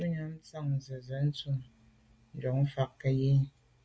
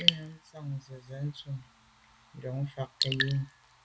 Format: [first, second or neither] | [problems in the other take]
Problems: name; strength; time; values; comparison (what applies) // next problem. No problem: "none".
first | background sound (Raindrop / Drip); 1 dB above the speech